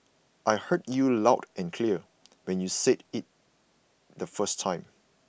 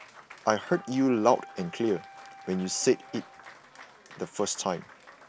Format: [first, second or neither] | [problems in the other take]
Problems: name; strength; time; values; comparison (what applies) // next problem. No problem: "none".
first | background sound (Applause + Wind instrument, woodwind instrument); 18 dB below the speech